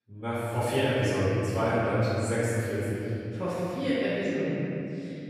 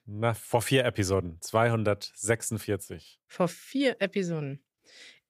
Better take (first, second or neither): second